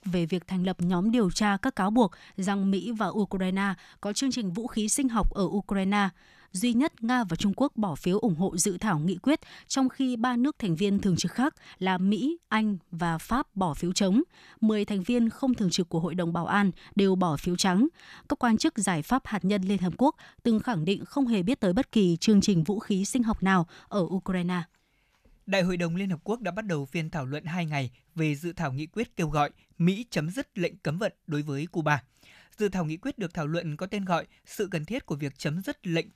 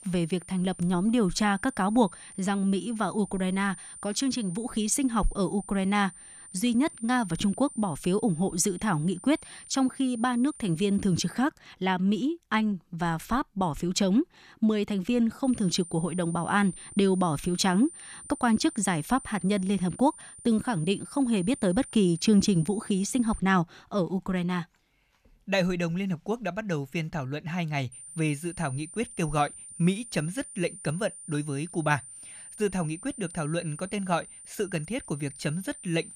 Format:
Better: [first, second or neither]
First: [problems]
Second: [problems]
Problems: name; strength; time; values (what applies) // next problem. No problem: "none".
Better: first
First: none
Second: high-pitched whine; noticeable; until 11 s, from 15 to 23 s and from 28 s on; 9 kHz, 15 dB below the speech